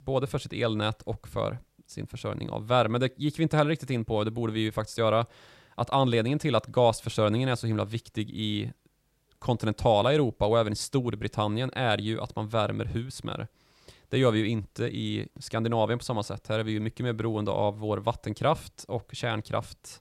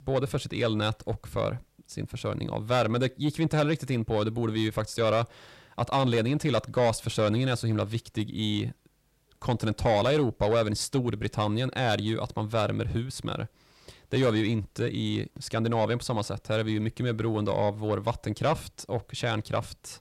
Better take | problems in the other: first | distortion; slight; 10 dB below the speech

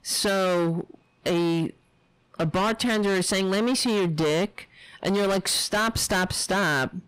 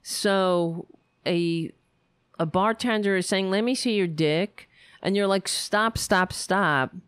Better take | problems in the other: second | distortion; heavy; 24% of the sound clipped

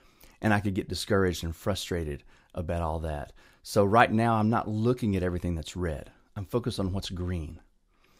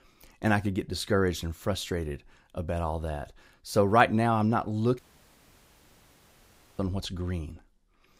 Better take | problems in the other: first | audio cutting out; at 5 s for 2 s

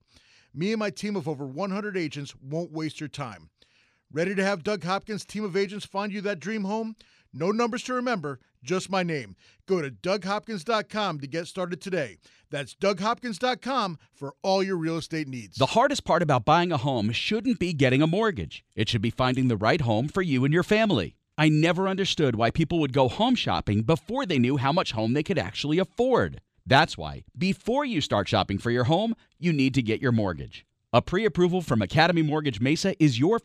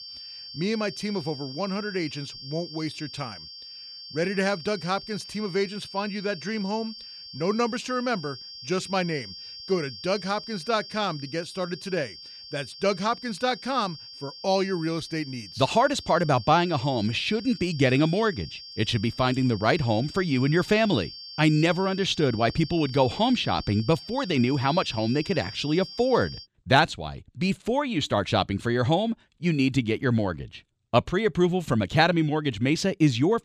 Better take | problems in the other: first | high-pitched whine; noticeable; until 26 s; 5 kHz, 15 dB below the speech

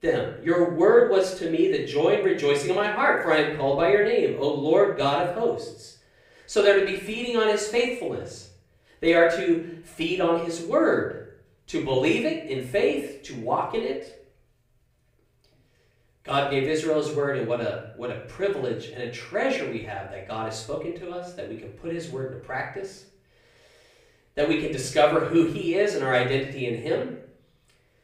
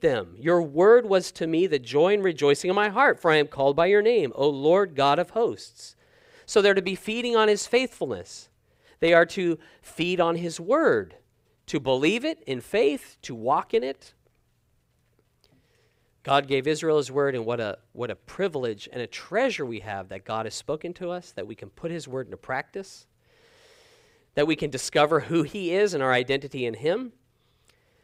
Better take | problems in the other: second | room echo; slight; dies away in 0.6 s // off-mic speech; far

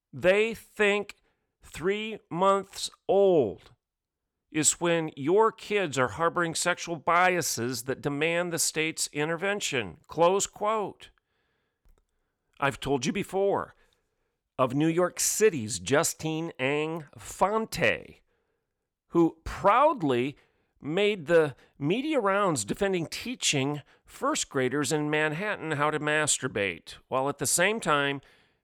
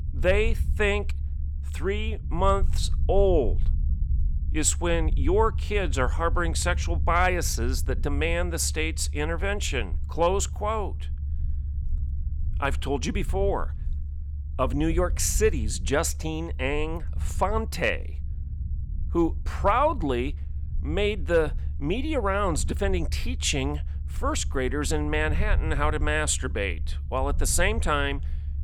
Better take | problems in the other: first | low rumble; faint; throughout; 20 dB below the speech

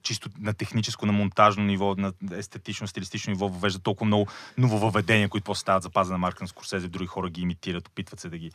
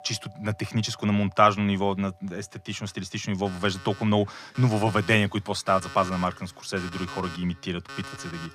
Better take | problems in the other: first | alarms or sirens; noticeable; throughout; 15 dB below the speech

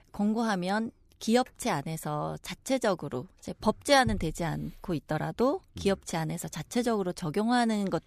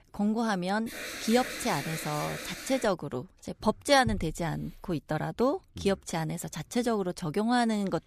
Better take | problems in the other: first | alarm; noticeable; from 1 to 3 s; peak 6 dB below the speech

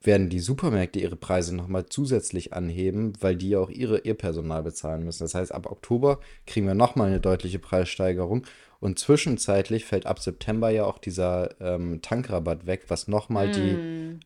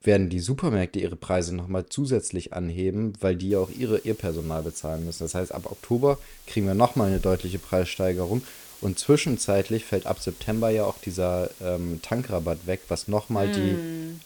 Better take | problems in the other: first | hiss; noticeable; from 3.5 s on; 20 dB below the speech

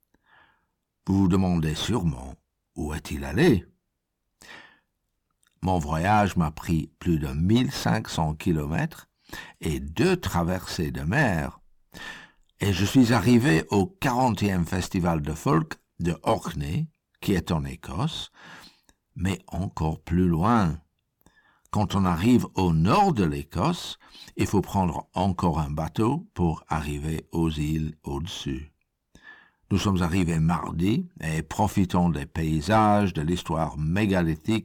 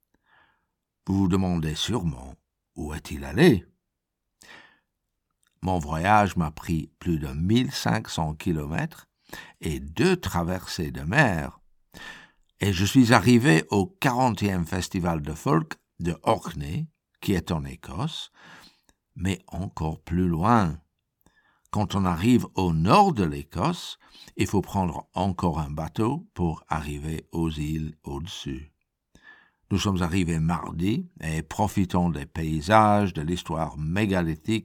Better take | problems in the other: second | distortion; slight; 10 dB below the speech

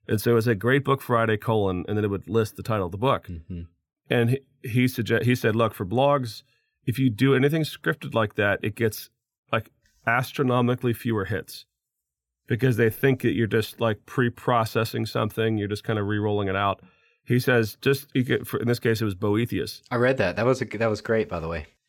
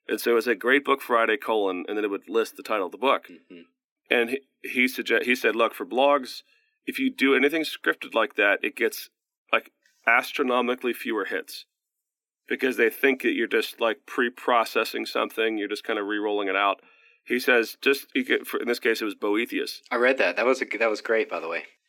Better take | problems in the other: first | thin; somewhat; fading below 250 Hz

